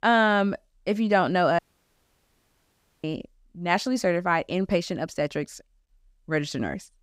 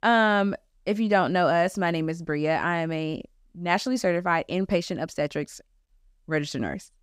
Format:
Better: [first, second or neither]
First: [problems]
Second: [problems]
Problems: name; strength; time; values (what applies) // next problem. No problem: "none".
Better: second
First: audio cutting out; at 1.5 s for 1.5 s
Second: none